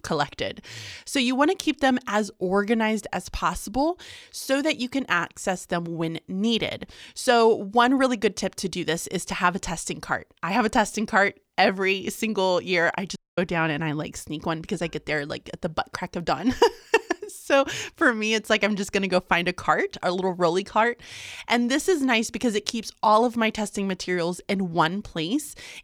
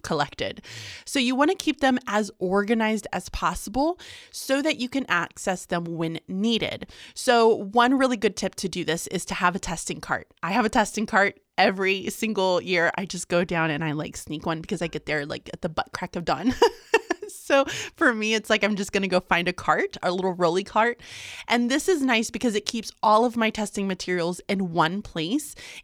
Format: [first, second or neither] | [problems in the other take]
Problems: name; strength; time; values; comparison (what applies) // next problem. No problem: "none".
second | audio cutting out; at 13 s